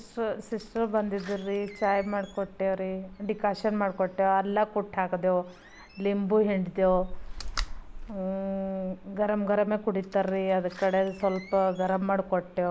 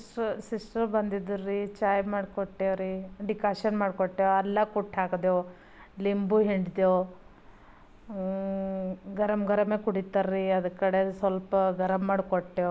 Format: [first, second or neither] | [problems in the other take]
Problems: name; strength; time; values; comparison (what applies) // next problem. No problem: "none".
second | background sound (Slam); 15 dB below the speech